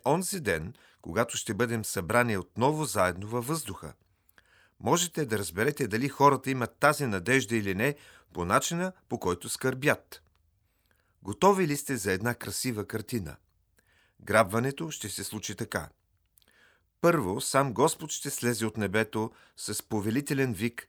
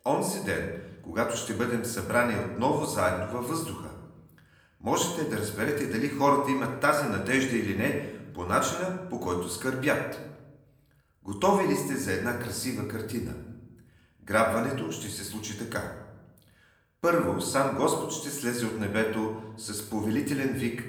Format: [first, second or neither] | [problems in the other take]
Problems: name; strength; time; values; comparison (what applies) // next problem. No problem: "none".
first | room echo; slight; dies away in 0.8 s // off-mic speech; somewhat distant